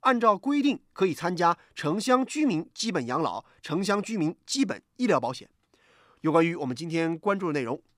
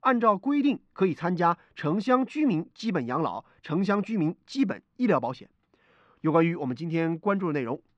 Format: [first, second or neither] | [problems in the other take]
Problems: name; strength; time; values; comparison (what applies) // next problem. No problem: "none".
first | muffled; slightly; fading above 3 kHz